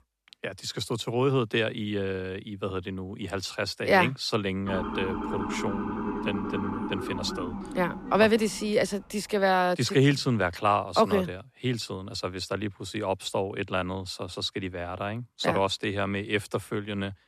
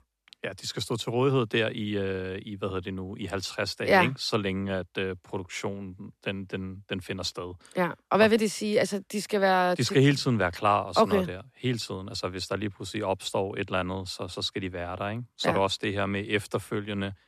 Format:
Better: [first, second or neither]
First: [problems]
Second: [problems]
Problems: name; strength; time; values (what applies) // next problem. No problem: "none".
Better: second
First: siren; noticeable; from 4.5 to 9 s; peak 3 dB below the speech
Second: none